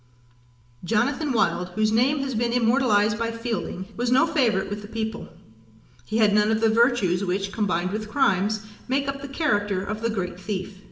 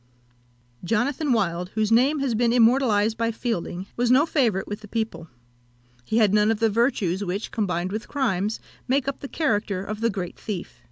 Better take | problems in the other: second | room echo; dies away in 1 s

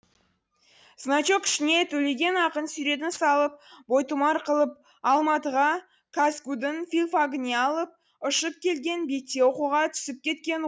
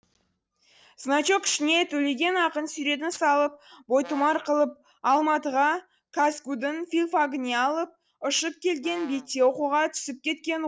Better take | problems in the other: first | noise reduction (neural separator model SepFormer DNS4)

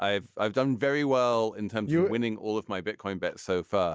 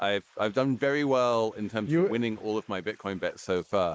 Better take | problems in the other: first | noise reduction (neural mask model Resemble Enhance denoiser)

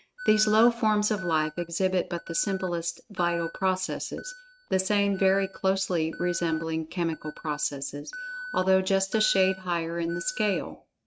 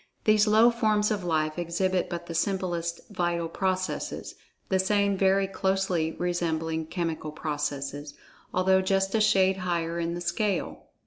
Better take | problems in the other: second | noise reduction (neural mask model RNNoise)

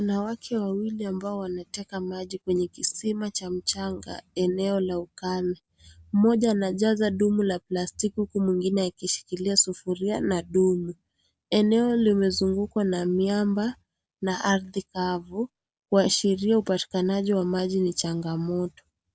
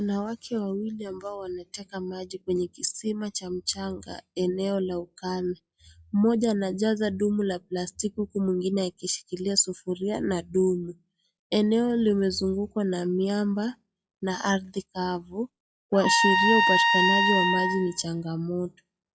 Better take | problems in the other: first | noise reduction (classical method log-MMSE)

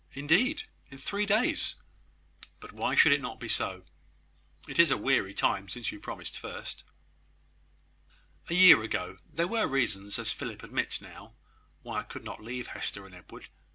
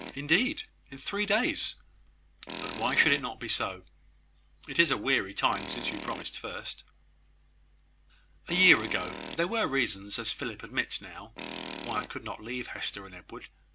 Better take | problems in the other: first | background sound (Tools); 13 dB below the speech

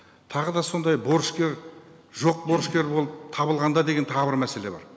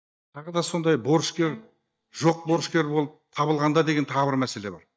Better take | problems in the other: first | noise reduction (neural mask model DeepFilterNet 3)

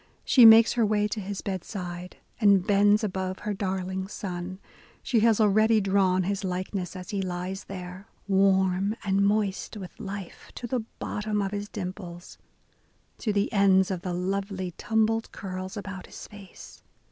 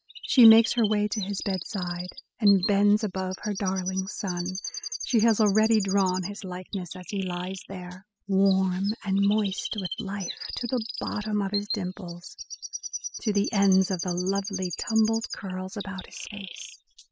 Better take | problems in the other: first | noise reduction (classical method spectral subtraction)

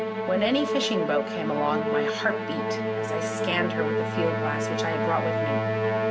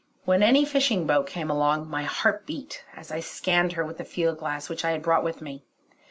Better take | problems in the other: second | background sound (Musical instrument); 2 dB above the speech

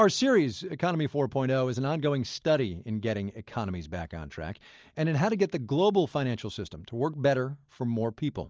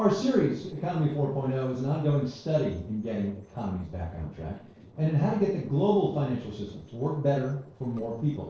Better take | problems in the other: first | noise reduction (neural separator model SepFormer DNS4)

